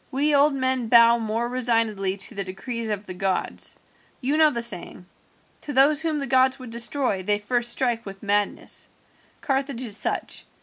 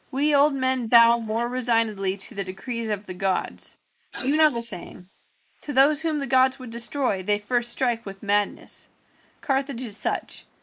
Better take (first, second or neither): first